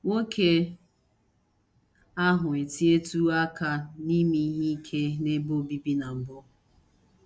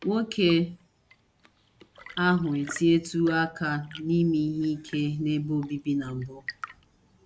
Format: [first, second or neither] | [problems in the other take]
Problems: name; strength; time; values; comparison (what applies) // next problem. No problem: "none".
first | background sound (Tap / Fill (with liquid) / Trickle, dribble / Chirp, tweet / Engine); 19 dB below the speech